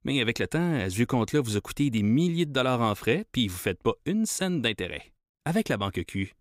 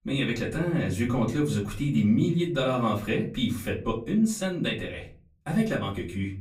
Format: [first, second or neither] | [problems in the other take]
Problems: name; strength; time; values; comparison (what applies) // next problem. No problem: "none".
first | off-mic speech; far // room echo; very slight; dies away in 0.5 s